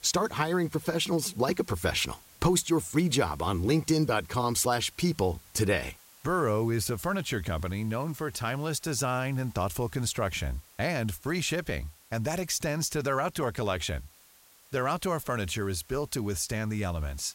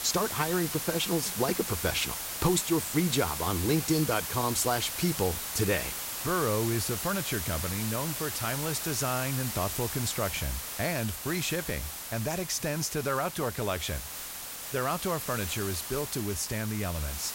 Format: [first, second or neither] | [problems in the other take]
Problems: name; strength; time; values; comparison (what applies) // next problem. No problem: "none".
first | hiss; loud; throughout; 3 dB below the speech; faint in the first